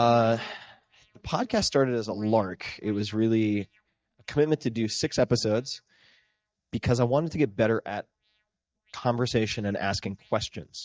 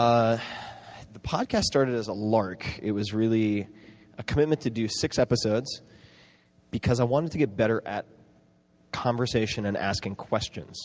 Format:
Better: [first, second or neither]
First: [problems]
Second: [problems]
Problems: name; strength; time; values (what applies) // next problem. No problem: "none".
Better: second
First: noise reduction (neural mask model DeepFilterNet 3)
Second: none